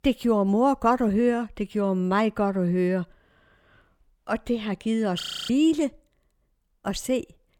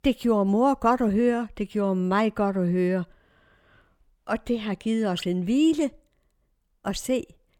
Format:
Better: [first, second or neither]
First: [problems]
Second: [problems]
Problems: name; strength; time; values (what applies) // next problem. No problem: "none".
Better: second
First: audio freezing; at 5 s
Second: none